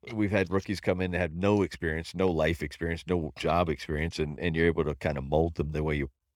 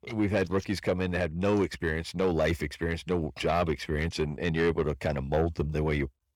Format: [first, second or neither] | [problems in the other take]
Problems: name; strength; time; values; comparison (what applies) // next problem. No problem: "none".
first | distortion; slight; 10 dB below the speech